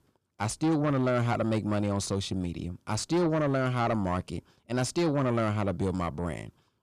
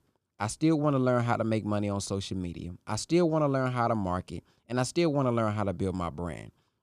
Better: second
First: distortion; slight; 10 dB below the speech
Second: none

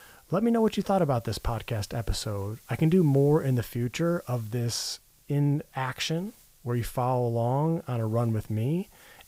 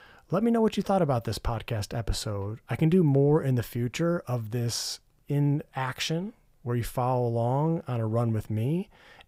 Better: second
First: hiss; faint; throughout; 25 dB below the speech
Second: none

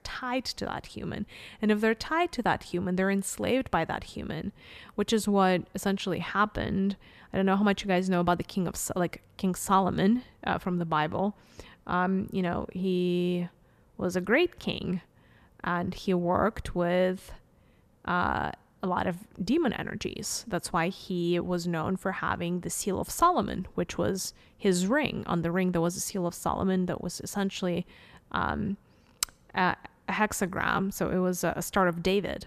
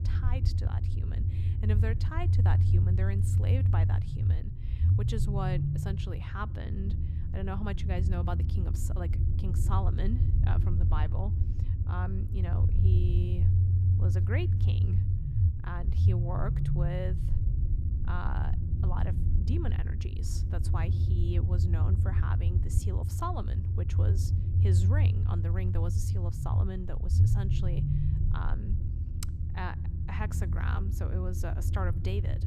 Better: first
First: none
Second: low rumble; loud; throughout; 2 dB below the speech

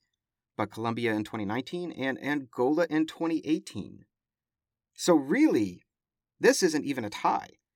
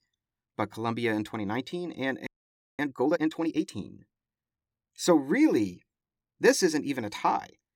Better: first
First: none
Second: audio freezing; at 2.5 s for 0.5 s

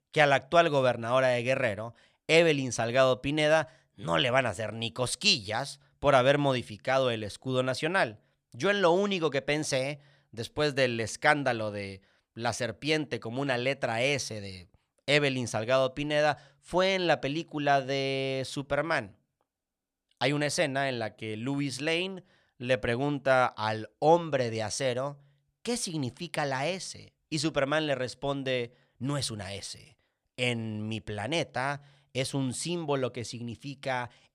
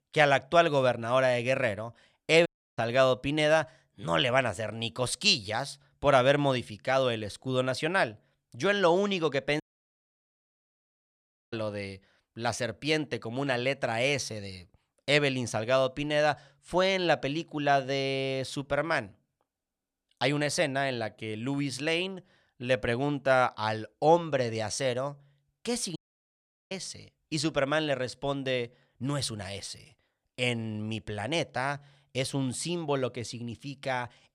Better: first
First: none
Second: audio cutting out; at 2.5 s, at 9.5 s for 2 s and at 26 s for 1 s

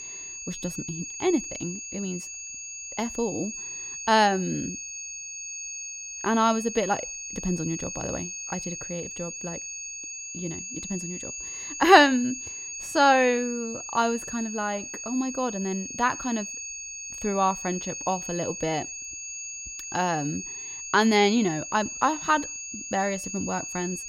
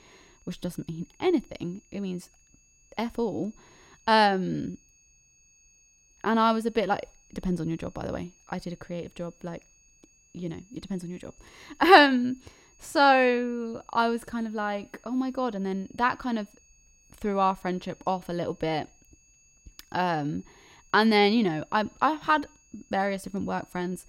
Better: second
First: high-pitched whine; loud; throughout; 6.5 kHz, 8 dB below the speech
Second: high-pitched whine; faint; throughout; 6.5 kHz, 30 dB below the speech

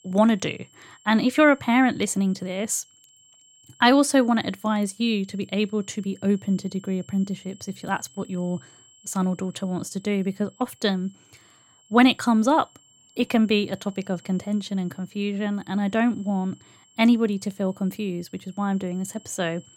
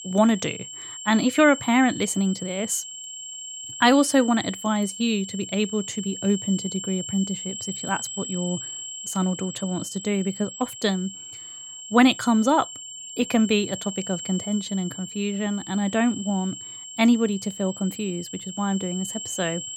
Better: first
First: high-pitched whine; faint; throughout; 7.5 kHz, 30 dB below the speech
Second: high-pitched whine; loud; throughout; 7.5 kHz, 10 dB below the speech

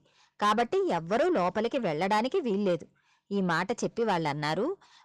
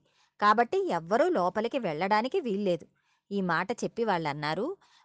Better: second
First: distortion; slight; 10 dB below the speech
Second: none

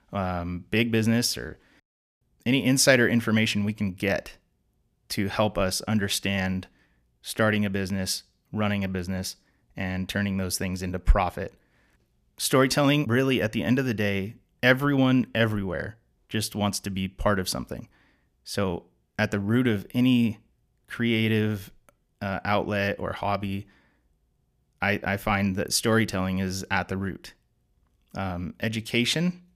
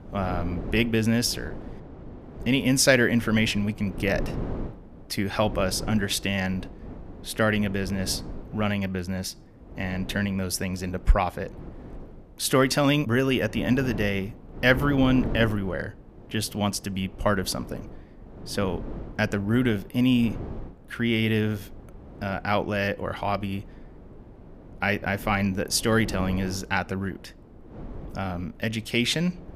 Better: first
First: none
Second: wind noise on the microphone; occasional gusts; 20 dB below the speech

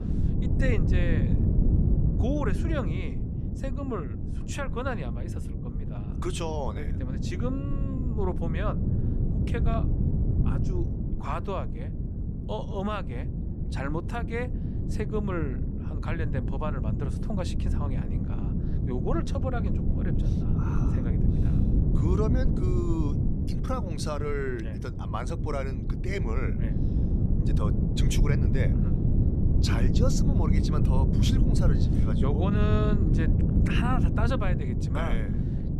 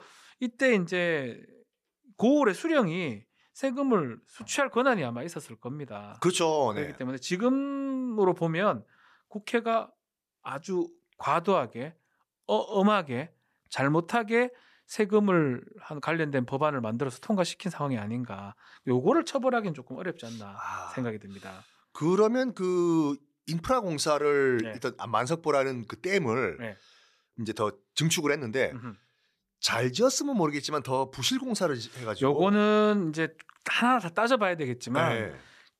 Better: second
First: wind noise on the microphone; heavy; 3 dB below the speech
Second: none

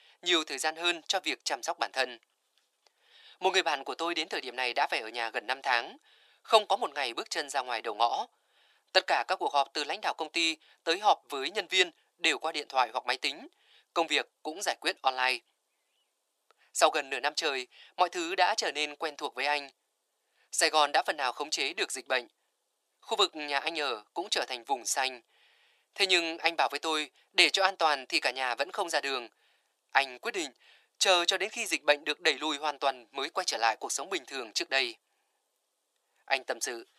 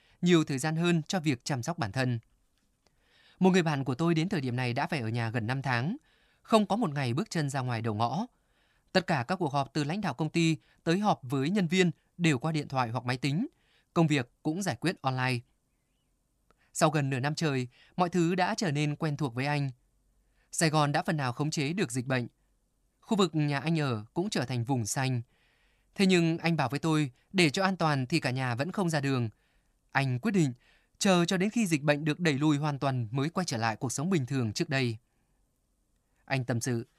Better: second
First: thin; very; fading below 400 Hz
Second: none

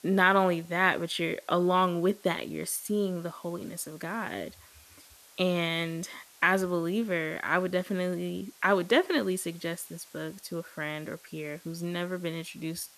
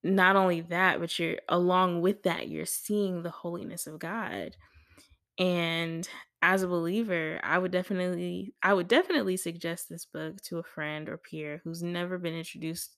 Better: second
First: hiss; faint; throughout; 25 dB below the speech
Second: none

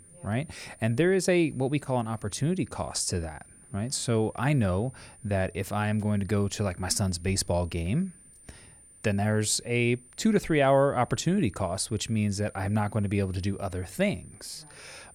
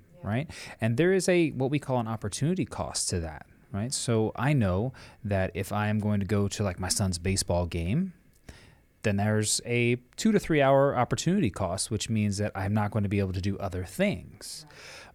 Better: second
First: high-pitched whine; faint; throughout; 9 kHz, 25 dB below the speech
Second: none

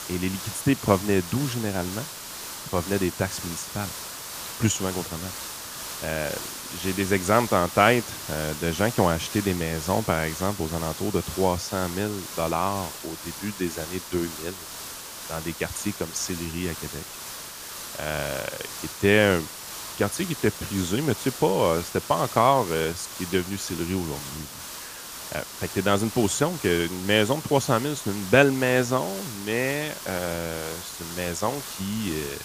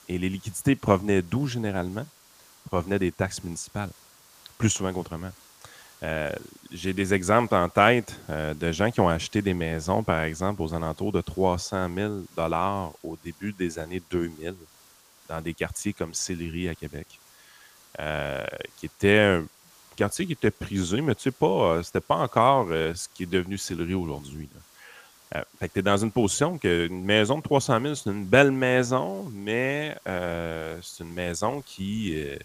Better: second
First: hiss; loud; throughout; 9 dB below the speech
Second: hiss; faint; throughout; 25 dB below the speech

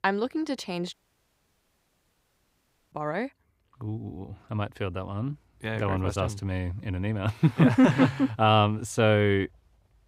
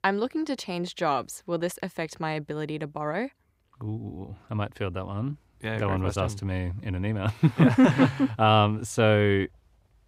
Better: second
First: audio cutting out; at 1 s for 2 s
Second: none

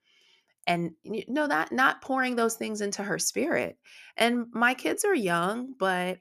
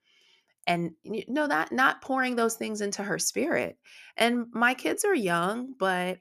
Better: neither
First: none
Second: none

